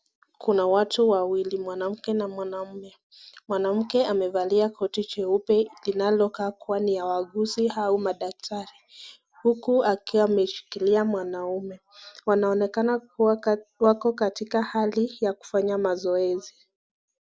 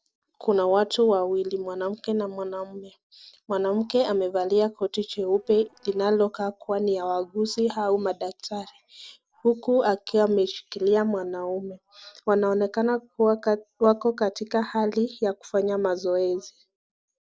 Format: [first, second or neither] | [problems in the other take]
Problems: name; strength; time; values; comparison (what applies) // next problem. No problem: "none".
first | noise reduction (neural separator model SepFormer DNS4)